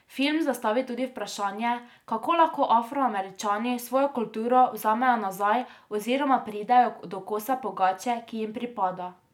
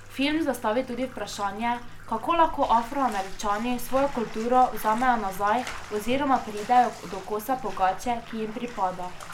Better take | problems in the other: first | background sound (Bathtub (filling or washing)); 11 dB below the speech

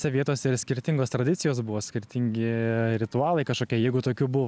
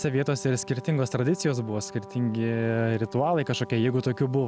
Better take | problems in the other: first | background sound (Brass instrument); 18 dB below the speech

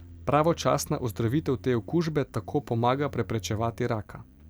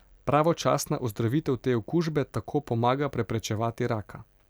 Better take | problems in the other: second | background sound (Motorcycle); 18 dB below the speech

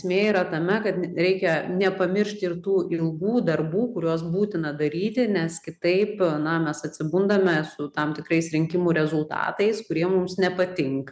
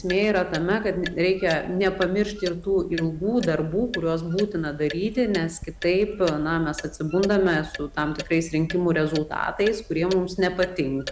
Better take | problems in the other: first | background sound (Clock); 14 dB below the speech

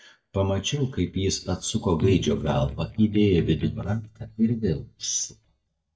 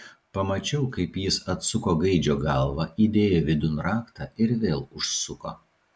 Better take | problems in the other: second | noise reduction (neural mask model DeepFilterNet 3)

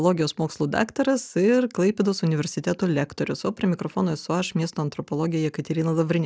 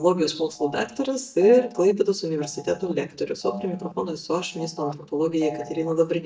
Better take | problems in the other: first | noise reduction (neural mask model DeepFilterNet 3)

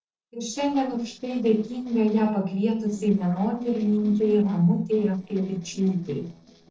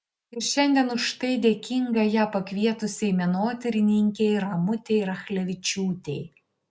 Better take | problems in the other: second | noise reduction (neural separator model SepFormer DNS4)

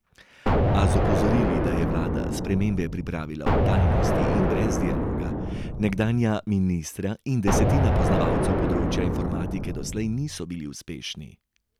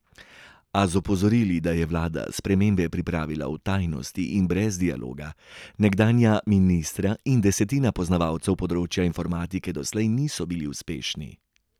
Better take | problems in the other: second | background sound (Explosion); 4 dB above the speech

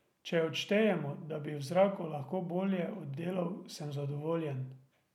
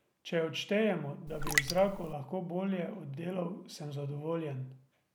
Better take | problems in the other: first | background sound (Raindrop); as loud as the speech

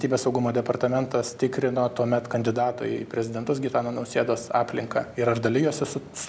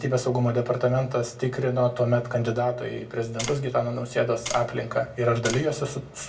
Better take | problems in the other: first | background sound (Tap); 10 dB below the speech // room echo; dies away in 0.1 s

